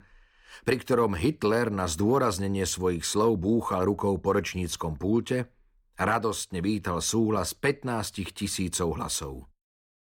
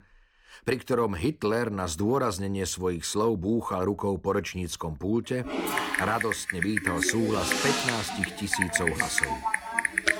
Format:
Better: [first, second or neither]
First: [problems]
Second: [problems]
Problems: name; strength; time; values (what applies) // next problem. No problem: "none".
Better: first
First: none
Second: keyboard typing; loud; from 5.5 s on; peak 4 dB above the speech